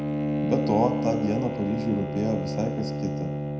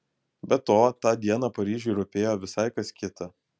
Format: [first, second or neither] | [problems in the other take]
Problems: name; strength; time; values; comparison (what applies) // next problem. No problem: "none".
second | background sound (Bowed string instrument); as loud as the speech // room echo; dies away in 0.8 s